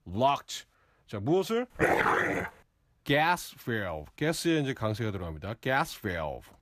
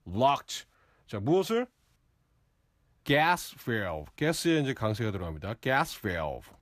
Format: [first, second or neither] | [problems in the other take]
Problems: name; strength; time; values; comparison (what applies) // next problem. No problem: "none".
second | dog barking; loud; at 2 s; peak 5 dB above the speech